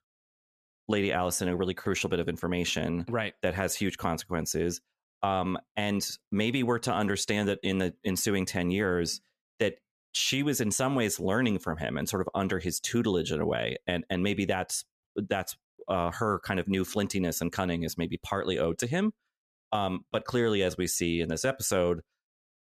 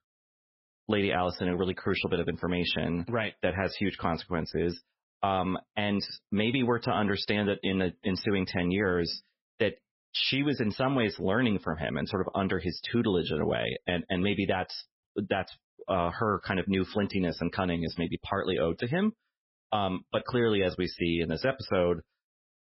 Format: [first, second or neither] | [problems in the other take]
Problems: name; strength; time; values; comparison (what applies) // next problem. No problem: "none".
first | garbled, watery; badly; nothing above 5.5 kHz